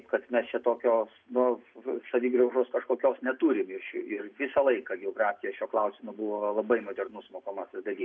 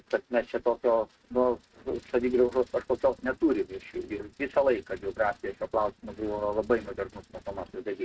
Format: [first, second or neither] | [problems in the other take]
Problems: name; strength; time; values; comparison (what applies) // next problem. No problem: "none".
first | noise reduction (neural mask model RNNoise)